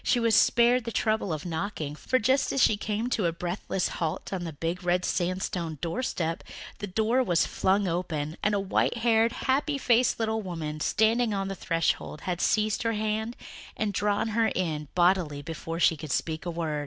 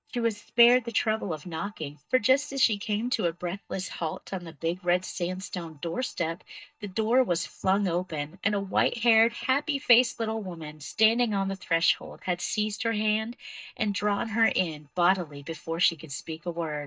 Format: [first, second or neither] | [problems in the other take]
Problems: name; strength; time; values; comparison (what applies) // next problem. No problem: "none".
first | noise reduction (neural mask model DeepFilterNet 3)